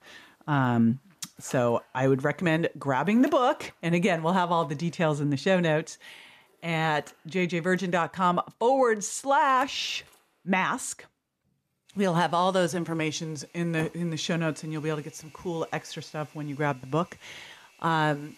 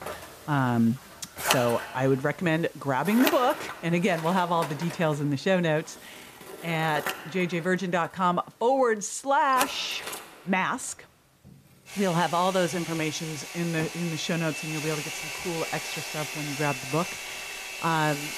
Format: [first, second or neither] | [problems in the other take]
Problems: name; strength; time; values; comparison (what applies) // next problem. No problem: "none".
first | household noises; loud; throughout; 7 dB below the speech; faint in the first